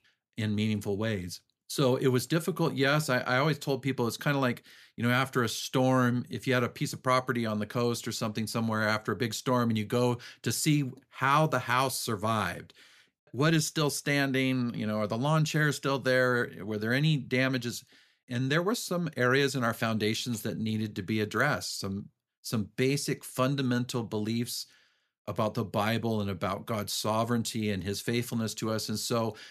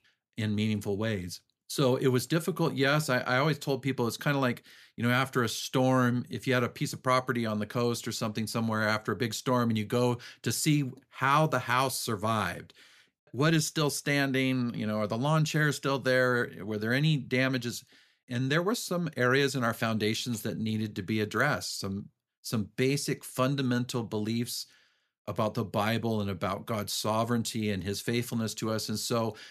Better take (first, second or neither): neither